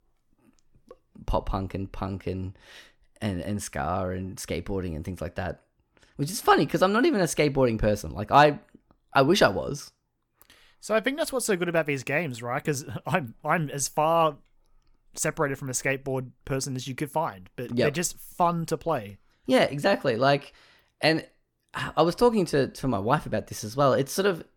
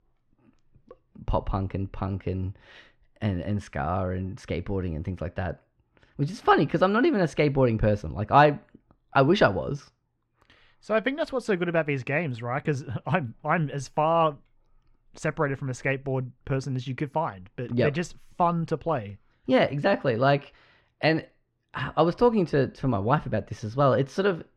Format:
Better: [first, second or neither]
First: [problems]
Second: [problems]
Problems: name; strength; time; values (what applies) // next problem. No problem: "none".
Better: first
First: none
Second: muffled; slightly; fading above 3 kHz